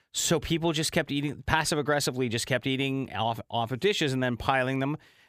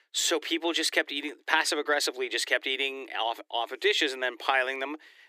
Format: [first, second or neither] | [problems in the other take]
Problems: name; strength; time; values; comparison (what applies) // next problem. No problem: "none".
first | thin; very; fading below 300 Hz